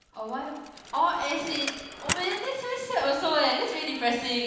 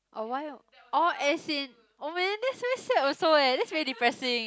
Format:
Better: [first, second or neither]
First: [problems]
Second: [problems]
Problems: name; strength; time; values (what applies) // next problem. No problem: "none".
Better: second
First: background sound (Bicycle); 11 dB below the speech // room echo; dies away in 1.1 s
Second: none